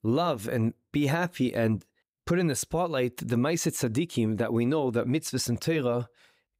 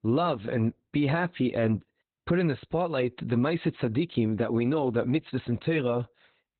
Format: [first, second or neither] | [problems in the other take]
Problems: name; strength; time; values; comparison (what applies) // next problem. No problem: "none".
first | garbled, watery; badly; nothing above 4 kHz